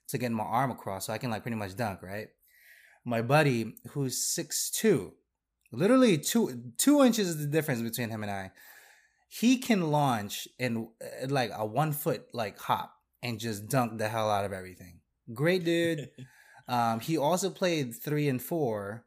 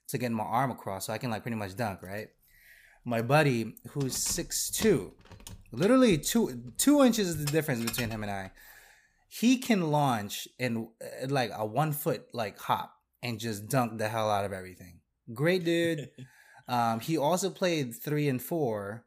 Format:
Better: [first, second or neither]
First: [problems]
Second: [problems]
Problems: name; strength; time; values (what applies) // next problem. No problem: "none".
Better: first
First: none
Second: jangling keys; noticeable; from 3 to 8 s; peak 7 dB below the speech